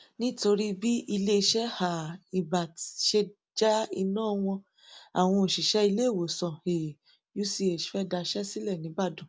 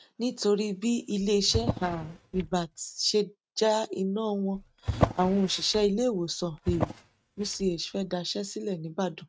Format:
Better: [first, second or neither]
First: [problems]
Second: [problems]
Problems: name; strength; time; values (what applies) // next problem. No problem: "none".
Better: first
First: none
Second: noise reduction (neural mask model RNNoise)